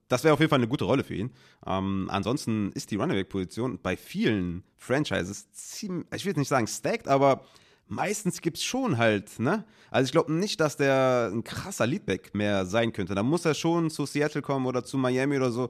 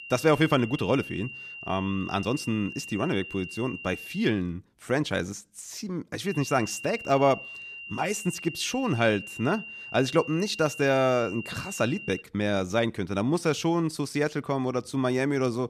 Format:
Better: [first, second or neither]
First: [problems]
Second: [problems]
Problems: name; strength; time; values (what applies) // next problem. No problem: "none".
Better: first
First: none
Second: high-pitched whine; noticeable; until 4.5 s and from 6.5 to 12 s; 3 kHz, 10 dB below the speech